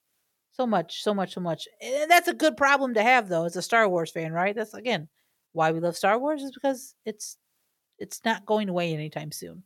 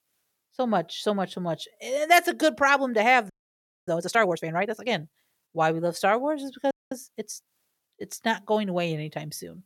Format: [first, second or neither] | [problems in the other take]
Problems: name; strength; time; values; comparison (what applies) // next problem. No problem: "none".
first | audio freezing; at 3.5 s for 0.5 s and at 6.5 s